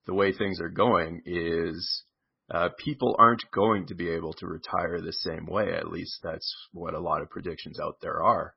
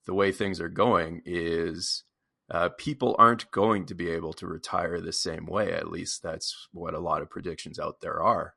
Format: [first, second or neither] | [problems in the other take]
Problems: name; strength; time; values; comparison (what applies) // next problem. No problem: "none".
second | garbled, watery; badly; nothing above 5.5 kHz; slightly in the second